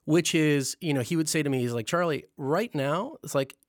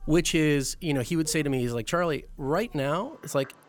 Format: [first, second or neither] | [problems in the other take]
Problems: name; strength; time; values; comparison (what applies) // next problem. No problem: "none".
first | animal sounds; faint; throughout; 25 dB below the speech